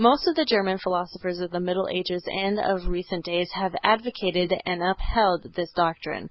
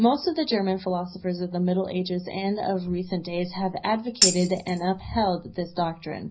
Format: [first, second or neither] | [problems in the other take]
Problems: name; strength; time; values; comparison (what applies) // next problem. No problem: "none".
first | background sound (Tambourine); as loud as the speech // room echo; dies away in 0.5 s